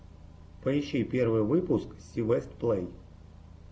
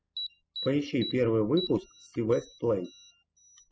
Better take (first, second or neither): first